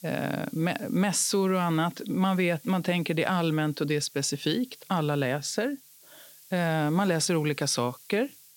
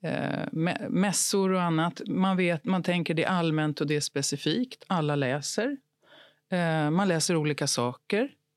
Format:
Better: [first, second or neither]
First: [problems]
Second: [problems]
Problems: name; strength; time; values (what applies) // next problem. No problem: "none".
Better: second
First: hiss; faint; throughout; 20 dB below the speech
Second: none